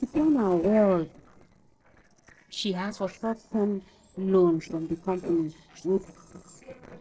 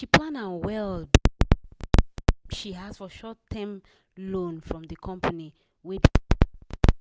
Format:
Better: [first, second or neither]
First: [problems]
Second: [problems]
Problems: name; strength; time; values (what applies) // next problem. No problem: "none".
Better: second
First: noise reduction (neural separator model SepFormer DNS4)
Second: none